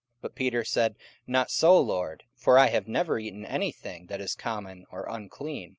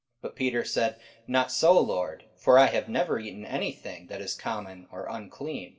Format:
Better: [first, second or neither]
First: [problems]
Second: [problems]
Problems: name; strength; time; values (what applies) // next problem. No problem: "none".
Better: first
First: none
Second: room echo; dies away in 0.7 s